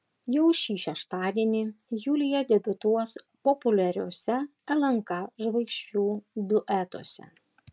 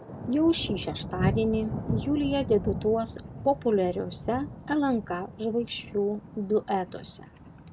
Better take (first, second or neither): first